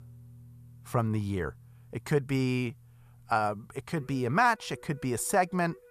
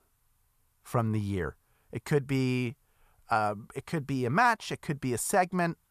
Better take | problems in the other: second | background music; faint; throughout; 25 dB below the speech

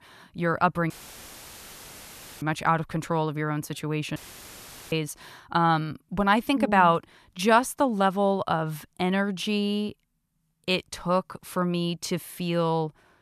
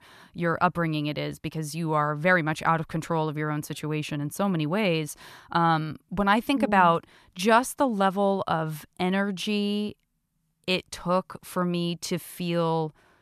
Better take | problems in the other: second | audio cutting out; filled with static; at 1 s for 1.5 s and at 4 s for 1 s

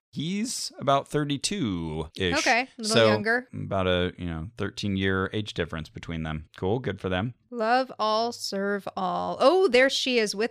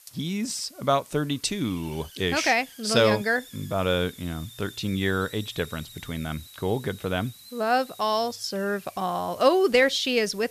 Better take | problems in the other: first | hiss; noticeable; throughout; 20 dB below the speech

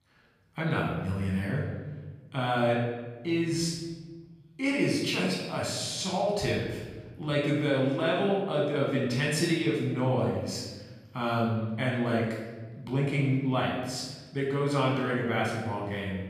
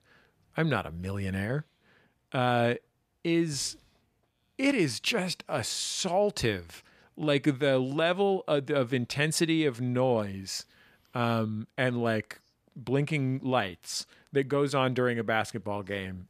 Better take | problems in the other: second | off-mic speech; far // room echo; noticeable; dies away in 1.3 s

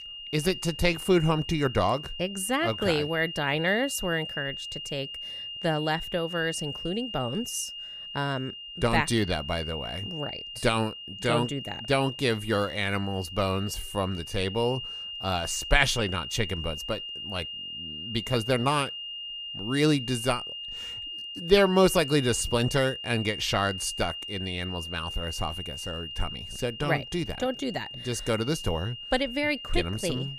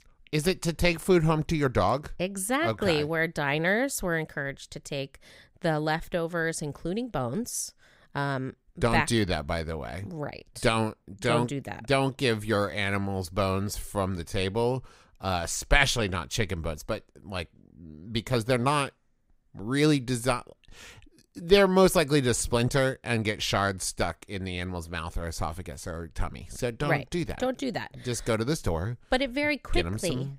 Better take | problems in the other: second | high-pitched whine; loud; throughout; 3 kHz, 8 dB below the speech

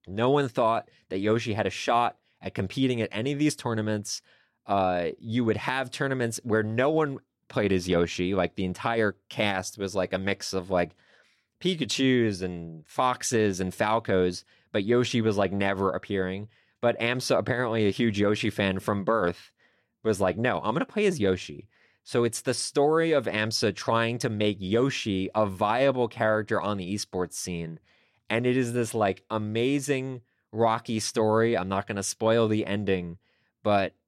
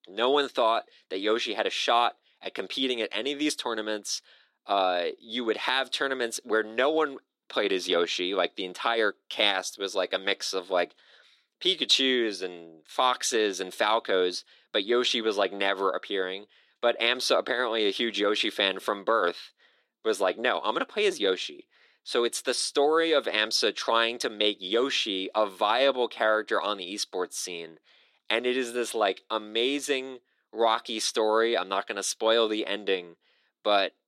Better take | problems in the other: first | thin; somewhat; fading below 300 Hz

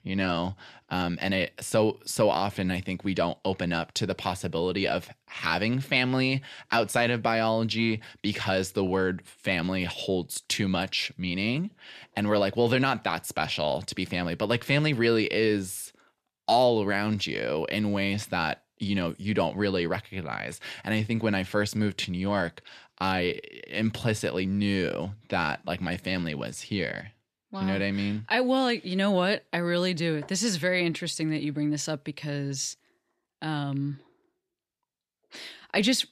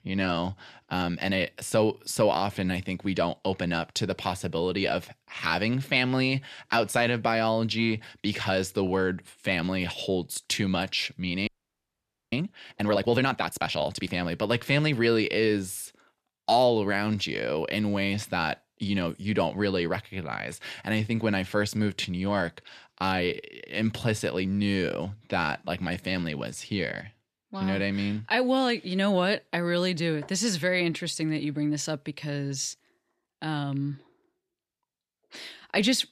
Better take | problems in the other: first | audio freezing; at 11 s for 1 s

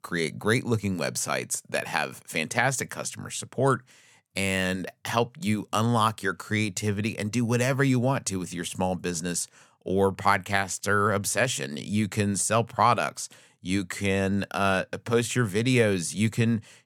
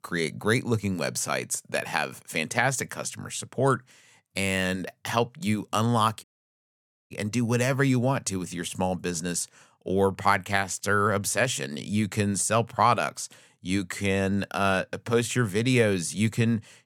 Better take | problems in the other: first | audio cutting out; at 6 s for 1 s

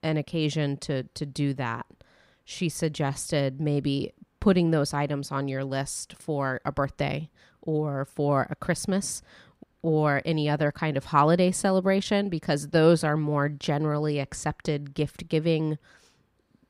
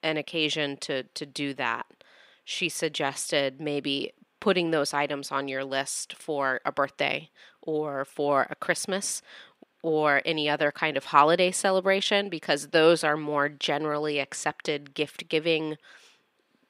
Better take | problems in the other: first | thin; somewhat; fading below 350 Hz

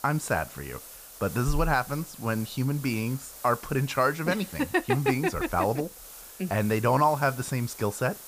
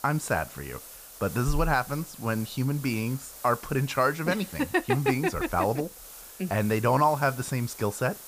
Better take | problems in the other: neither | hiss; noticeable; throughout; 15 dB below the speech; the same in both

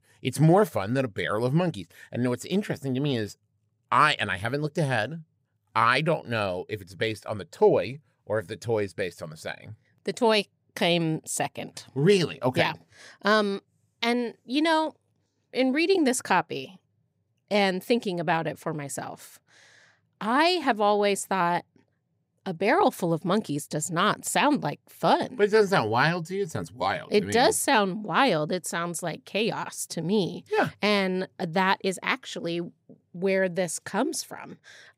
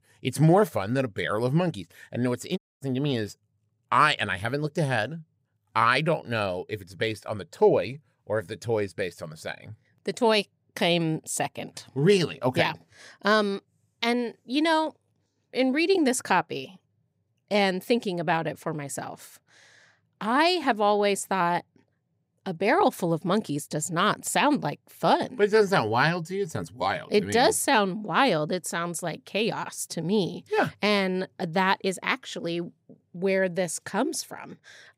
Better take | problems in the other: first | audio cutting out; at 2.5 s

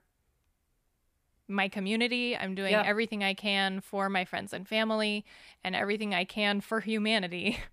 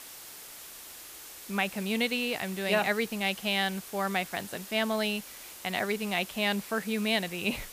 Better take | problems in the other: first | hiss; noticeable; throughout; 15 dB below the speech

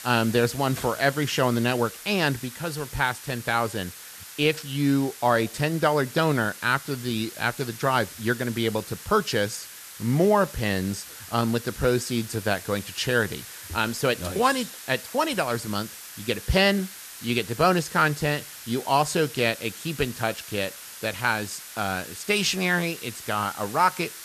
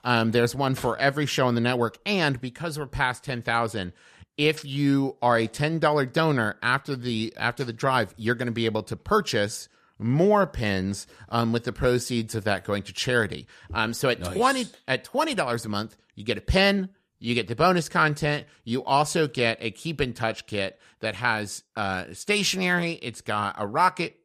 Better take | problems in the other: second | hiss; noticeable; throughout; 15 dB below the speech

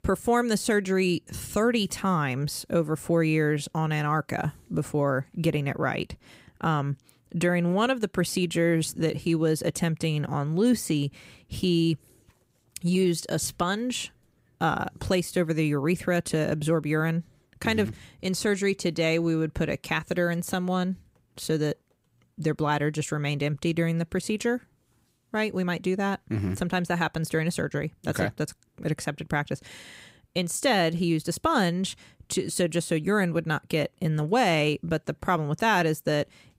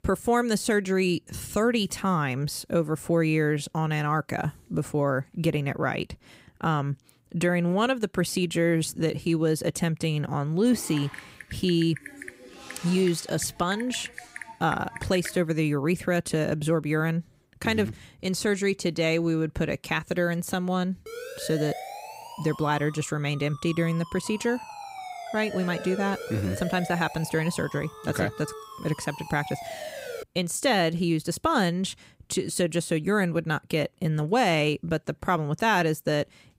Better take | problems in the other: first | keyboard typing; faint; from 11 to 15 s; peak 10 dB below the speech // siren; noticeable; from 21 to 30 s; peak 9 dB below the speech

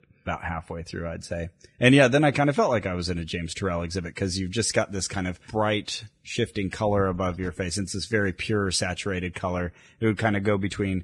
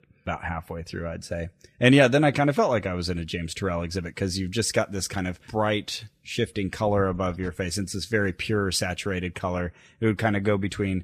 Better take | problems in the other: second | garbled, watery; badly; slightly in the second

